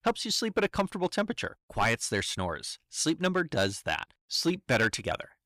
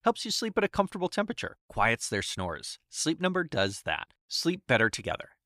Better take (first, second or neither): second